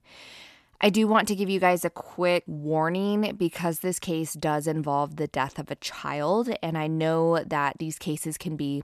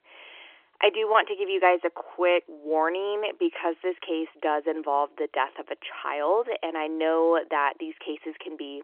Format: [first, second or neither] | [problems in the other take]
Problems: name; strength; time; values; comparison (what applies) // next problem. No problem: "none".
first | phone-call audio; nothing above 3 kHz